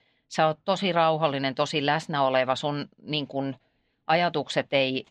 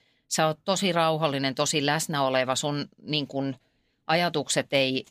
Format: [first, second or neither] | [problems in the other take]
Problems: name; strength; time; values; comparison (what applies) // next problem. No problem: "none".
second | muffled; slightly; fading above 3 kHz